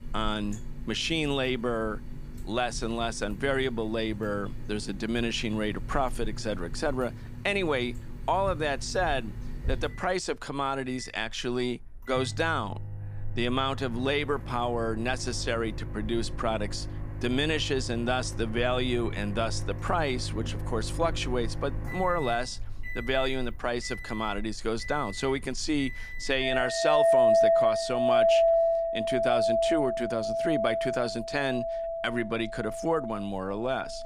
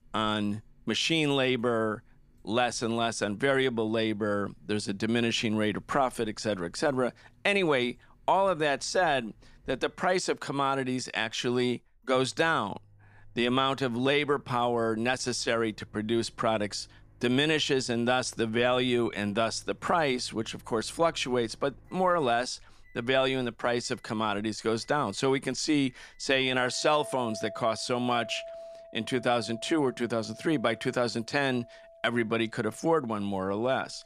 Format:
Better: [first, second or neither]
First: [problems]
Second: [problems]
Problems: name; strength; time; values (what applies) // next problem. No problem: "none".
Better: second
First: household noises; loud; throughout; 1 dB below the speech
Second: household noises; faint; throughout; 25 dB below the speech